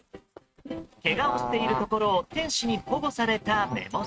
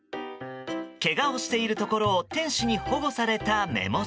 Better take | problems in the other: second | noise reduction (neural mask model RNNoise)

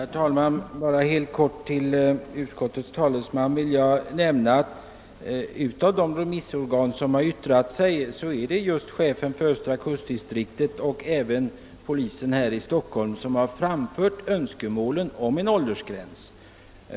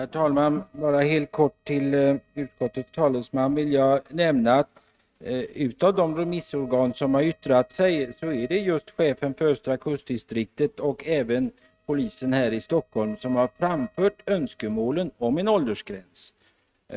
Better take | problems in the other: first | noise reduction (neural mask model RNNoise)

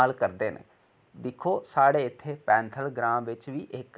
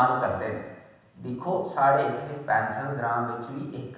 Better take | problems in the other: first | room echo; dies away in 1.1 s

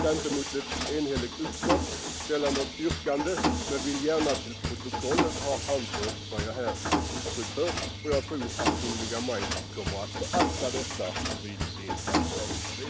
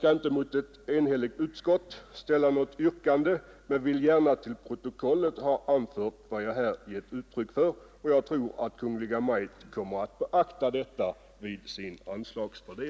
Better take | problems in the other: second | background sound (Mechanisms); 1 dB above the speech

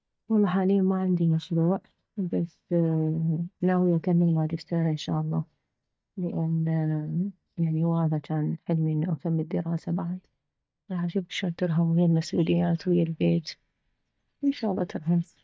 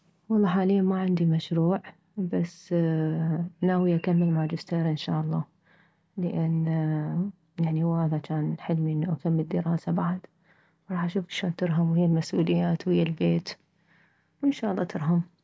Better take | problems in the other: second | noise reduction (neural mask model DeepFilterNet 3)

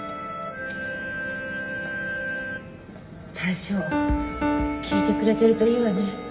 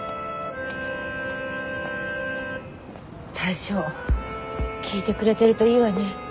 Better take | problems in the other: second | background sound (Piano); 5 dB below the speech // room echo; dies away in 2.3 s

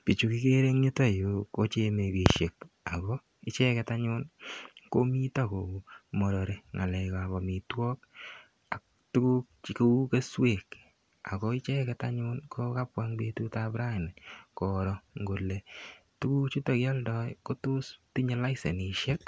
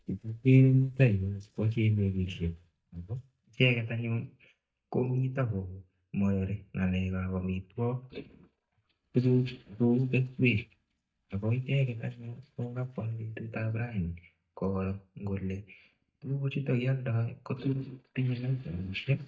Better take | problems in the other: first | noise reduction (neural mask model DeepFilterNet 3)

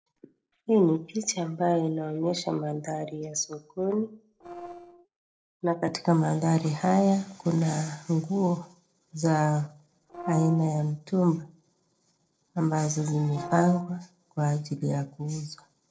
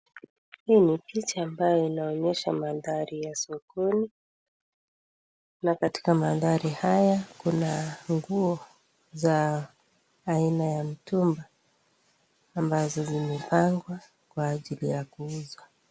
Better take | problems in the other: second | noise reduction (neural separator model SepFormer DNS4)

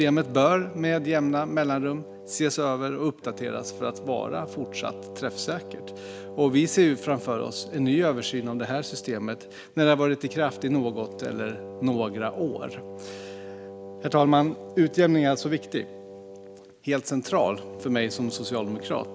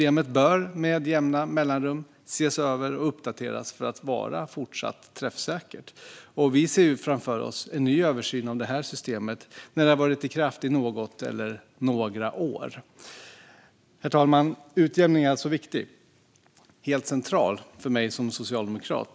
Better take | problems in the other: second | background sound (Wind instrument, woodwind instrument); 14 dB below the speech

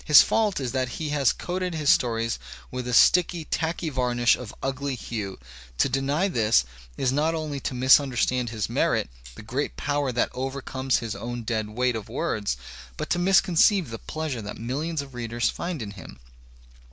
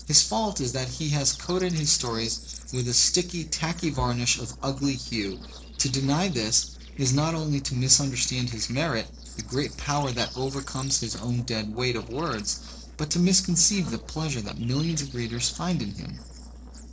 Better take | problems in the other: first | noise reduction (neural separator model SepFormer DNS4)

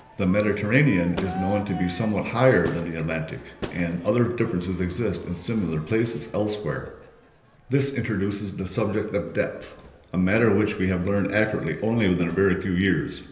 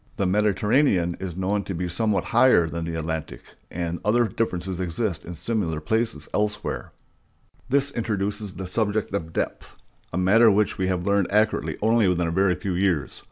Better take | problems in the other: second | background sound (Crowd / Fireworks); 18 dB below the speech // room echo; dies away in 1.4 s

